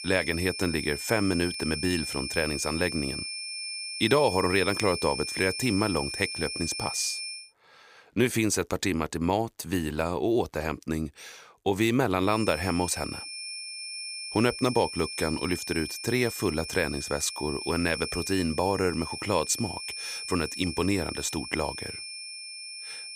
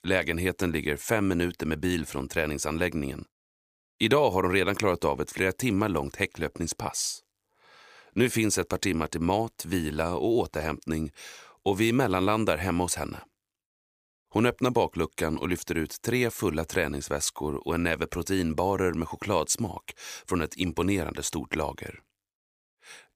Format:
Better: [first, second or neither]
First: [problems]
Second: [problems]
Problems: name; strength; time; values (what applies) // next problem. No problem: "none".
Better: second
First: high-pitched whine; loud; until 7.5 s and from 12 s on; 5.5 kHz, 6 dB below the speech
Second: none